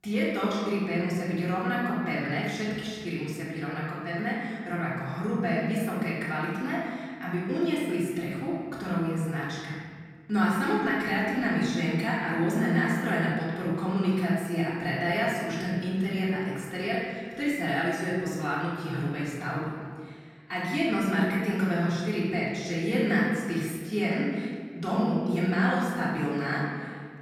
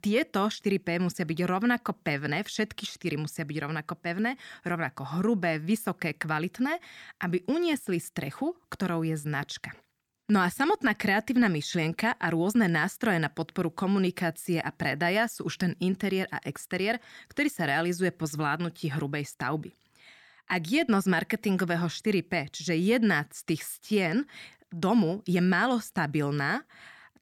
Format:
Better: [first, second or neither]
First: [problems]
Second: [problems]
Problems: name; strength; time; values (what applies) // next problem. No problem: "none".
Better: second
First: off-mic speech; far // room echo; strong; dies away in 1.7 s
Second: none